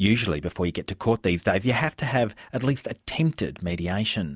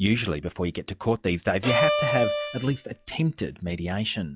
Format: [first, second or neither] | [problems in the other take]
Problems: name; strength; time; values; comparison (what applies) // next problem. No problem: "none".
first | noise reduction (classical method log-MMSE)